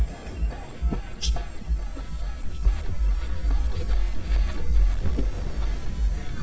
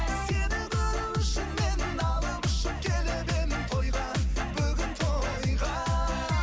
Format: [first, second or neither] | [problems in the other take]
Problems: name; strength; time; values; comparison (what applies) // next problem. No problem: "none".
second | noise reduction (neural mask model DeepFilterNet 3)